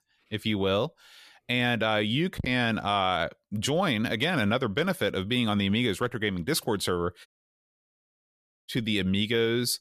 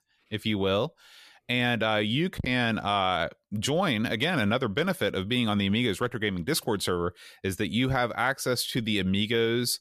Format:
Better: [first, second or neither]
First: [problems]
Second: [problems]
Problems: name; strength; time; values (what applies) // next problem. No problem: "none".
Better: second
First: audio cutting out; at 7.5 s for 1.5 s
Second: none